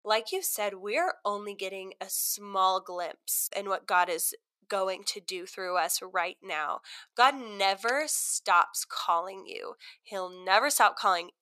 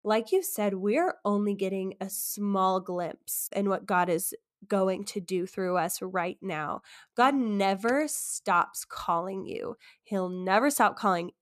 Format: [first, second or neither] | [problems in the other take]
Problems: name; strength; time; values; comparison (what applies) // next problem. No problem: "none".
second | thin; very; fading below 650 Hz